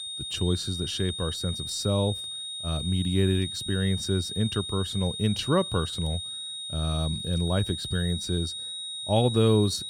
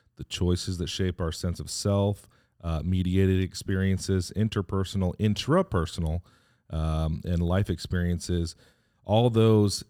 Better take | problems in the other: second | high-pitched whine; loud; throughout; 3.5 kHz, 5 dB below the speech

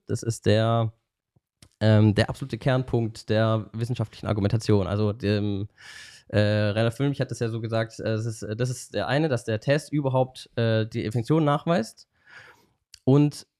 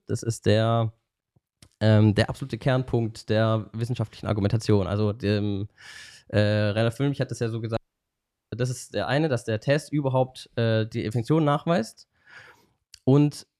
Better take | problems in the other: first | audio cutting out; at 8 s for 1 s

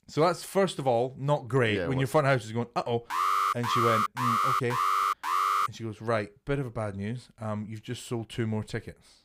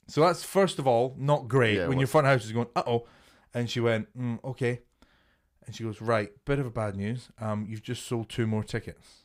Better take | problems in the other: second | alarm; loud; from 3 to 5.5 s; peak 5 dB above the speech

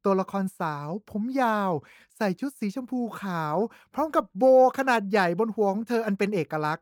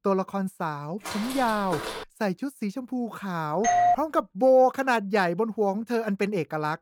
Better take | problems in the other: first | footsteps; noticeable; from 1 to 2 s; peak 7 dB below the speech // doorbell; loud; at 3.5 s; peak 5 dB above the speech

